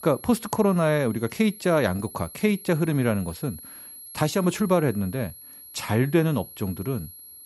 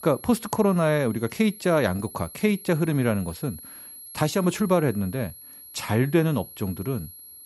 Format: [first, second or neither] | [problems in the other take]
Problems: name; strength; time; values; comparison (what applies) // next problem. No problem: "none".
neither | high-pitched whine; noticeable; throughout; 11.5 kHz, 15 dB below the speech; the same in both